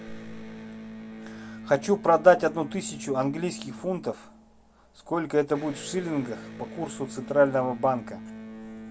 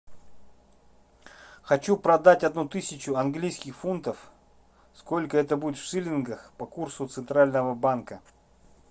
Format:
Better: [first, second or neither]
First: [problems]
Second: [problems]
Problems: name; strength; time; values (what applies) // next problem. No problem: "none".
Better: second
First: background sound (Electric guitar); 14 dB below the speech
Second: none